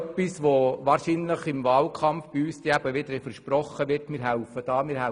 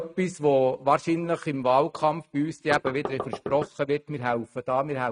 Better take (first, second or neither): first